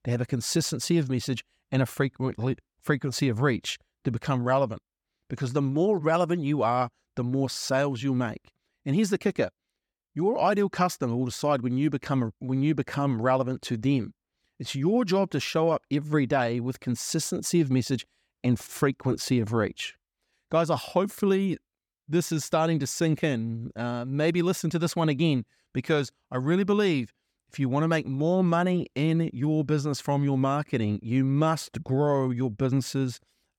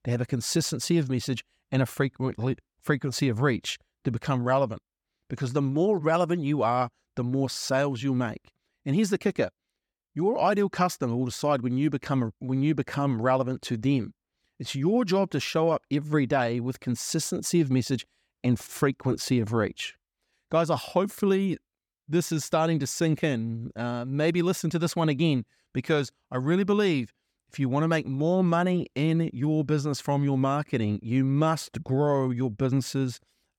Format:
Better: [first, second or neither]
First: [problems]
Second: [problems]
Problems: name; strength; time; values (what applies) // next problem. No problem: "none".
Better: neither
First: none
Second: none